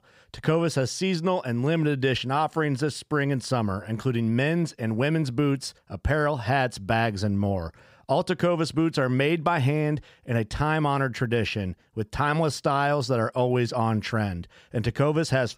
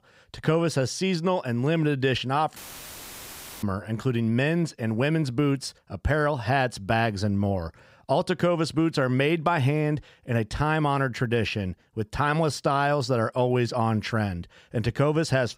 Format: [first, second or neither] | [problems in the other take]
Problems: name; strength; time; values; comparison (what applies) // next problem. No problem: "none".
first | audio cutting out; filled with static; at 2.5 s for 1 s